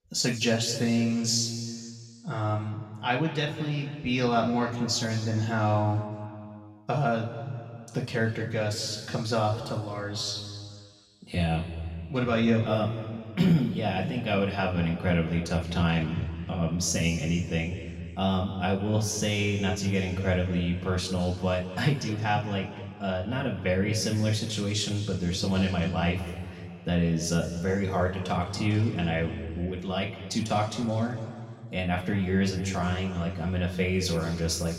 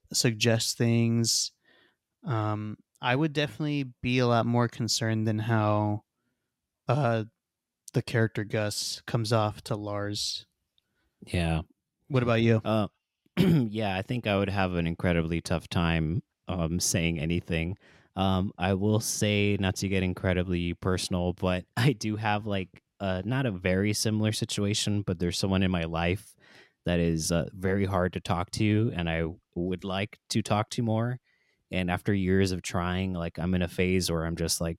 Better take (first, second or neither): second